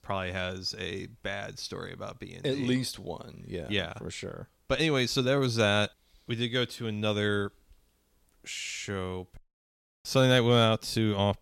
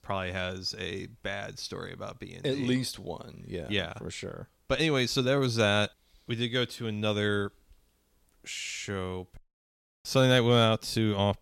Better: neither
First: none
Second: none

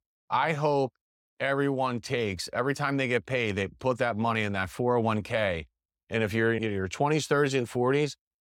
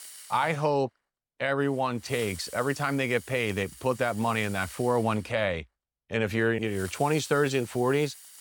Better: first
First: none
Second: hiss; noticeable; throughout; 15 dB below the speech

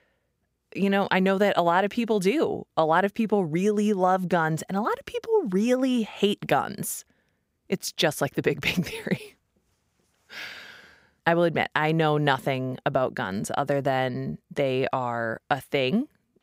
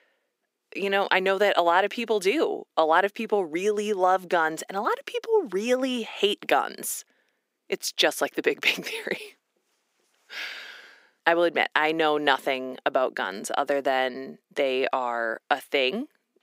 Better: first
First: none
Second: thin; somewhat; fading below 300 Hz

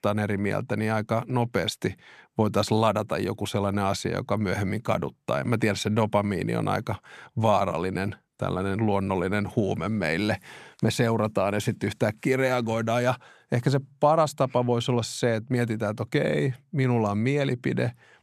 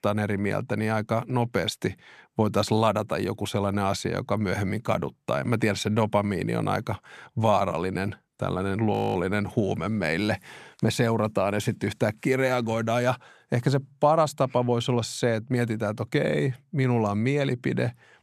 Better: first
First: none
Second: audio freezing; at 9 s

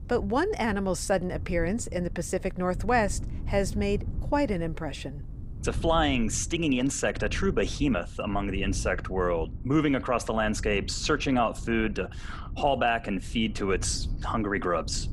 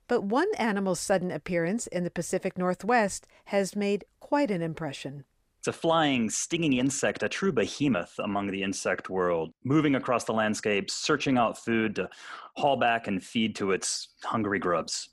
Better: second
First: wind noise on the microphone; occasional gusts; 20 dB below the speech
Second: none

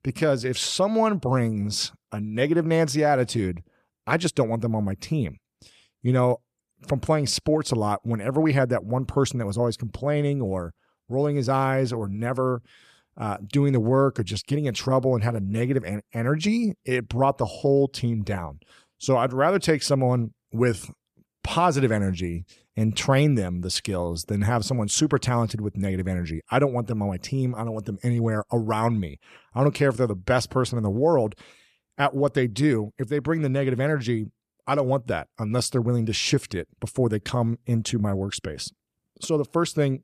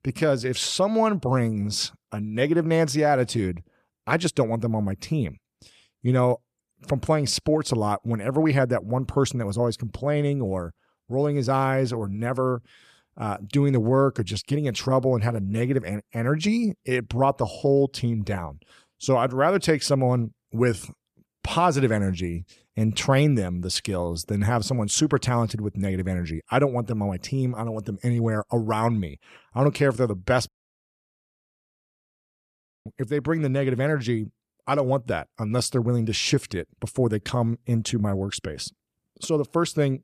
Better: first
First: none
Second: audio cutting out; at 30 s for 2.5 s

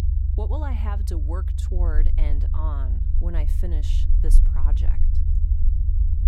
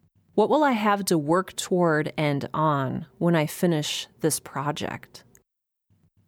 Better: second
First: low rumble; loud; throughout; 4 dB below the speech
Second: none

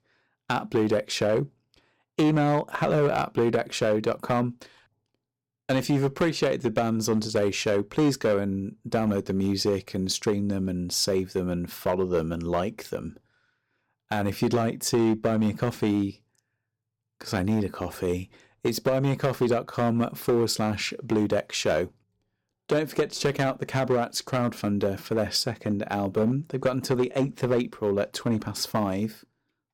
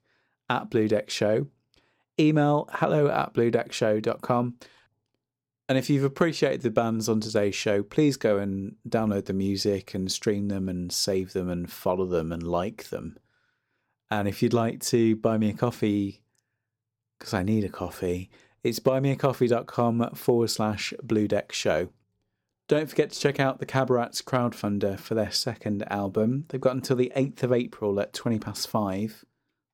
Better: second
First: distortion; slight; 5% of the sound clipped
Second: none

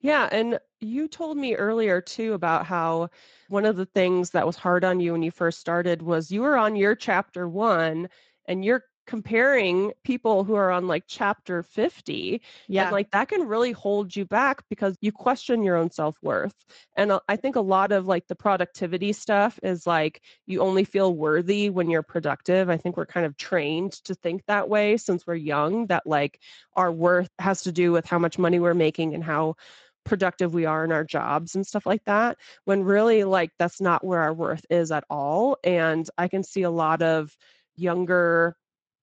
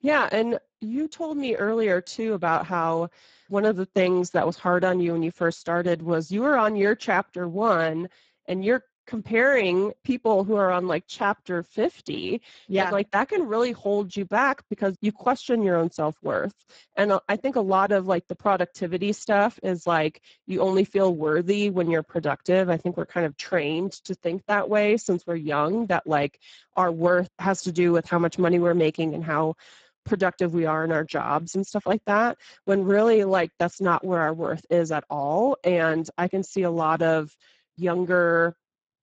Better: first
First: garbled, watery; slightly; nothing above 7.5 kHz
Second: garbled, watery; badly; nothing above 7.5 kHz

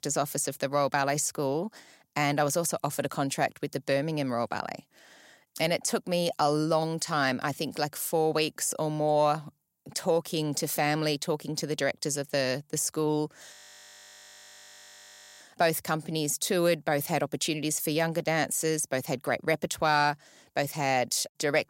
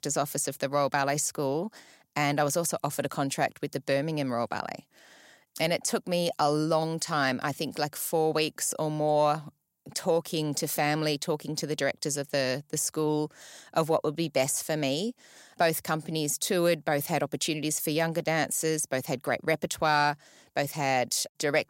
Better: second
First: audio freezing; at 14 s for 2 s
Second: none

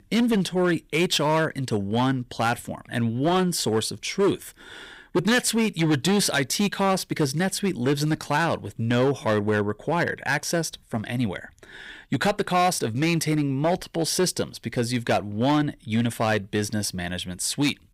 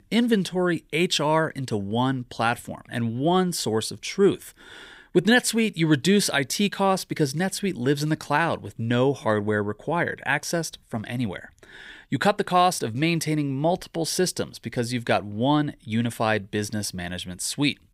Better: second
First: distortion; slight; 7% of the sound clipped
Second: none

